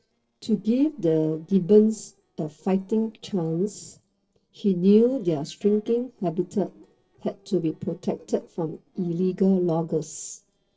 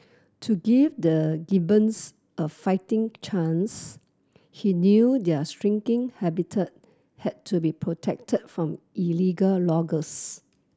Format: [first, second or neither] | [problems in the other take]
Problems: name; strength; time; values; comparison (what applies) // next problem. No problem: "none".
second | noise reduction (neural separator model SepFormer DNS4)